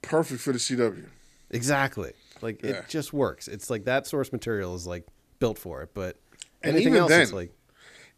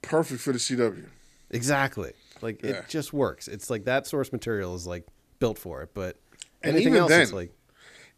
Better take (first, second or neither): neither